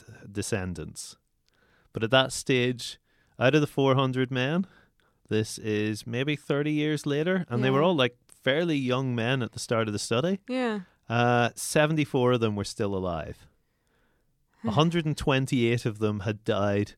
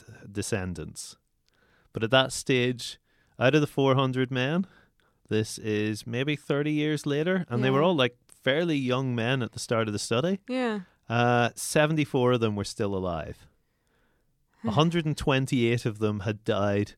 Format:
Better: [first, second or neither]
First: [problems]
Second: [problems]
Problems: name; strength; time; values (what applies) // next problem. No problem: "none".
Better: neither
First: none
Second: none